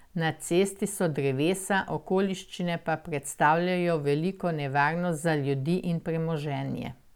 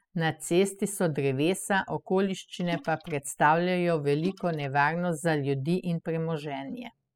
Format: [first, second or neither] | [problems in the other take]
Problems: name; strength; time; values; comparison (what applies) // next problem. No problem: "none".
first | noise reduction (classical method spectral subtraction)